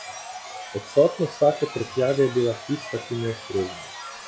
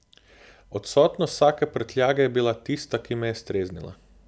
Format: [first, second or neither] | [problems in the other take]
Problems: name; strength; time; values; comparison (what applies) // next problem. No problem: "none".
second | noise reduction (classical method log-MMSE)